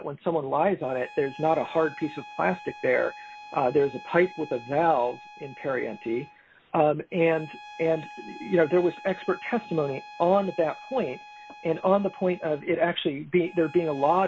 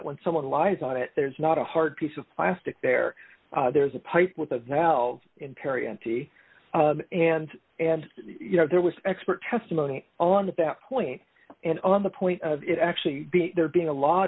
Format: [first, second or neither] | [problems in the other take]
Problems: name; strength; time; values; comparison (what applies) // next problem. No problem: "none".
second | background sound (Bowed string instrument); 19 dB below the speech